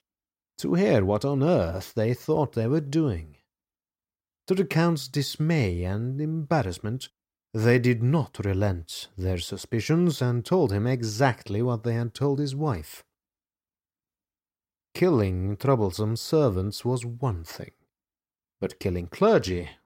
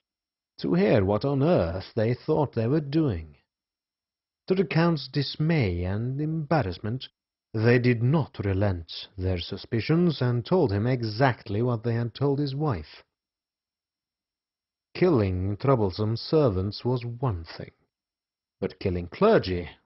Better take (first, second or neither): first